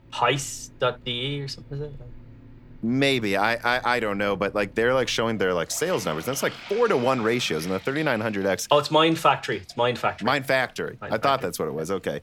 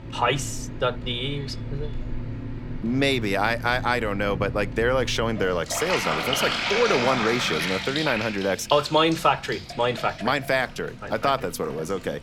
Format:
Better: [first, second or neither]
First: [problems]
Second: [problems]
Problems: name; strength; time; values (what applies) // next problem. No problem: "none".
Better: first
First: household noises; faint; throughout; 20 dB below the speech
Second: household noises; loud; throughout; 5 dB below the speech